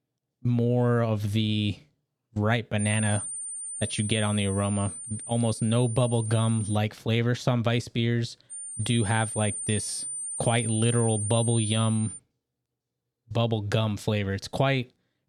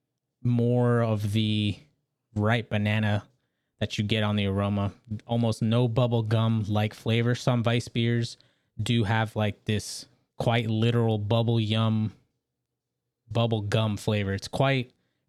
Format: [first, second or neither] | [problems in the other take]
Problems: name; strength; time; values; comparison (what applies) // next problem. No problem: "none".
second | high-pitched whine; loud; from 3 to 7 s and from 8.5 to 12 s; 9 kHz, 6 dB below the speech